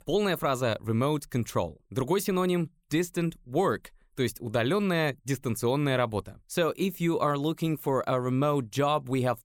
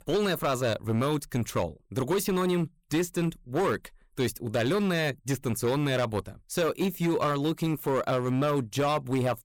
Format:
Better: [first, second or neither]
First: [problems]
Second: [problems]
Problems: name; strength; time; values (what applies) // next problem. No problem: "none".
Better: first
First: none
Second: distortion; slight; 10% of the sound clipped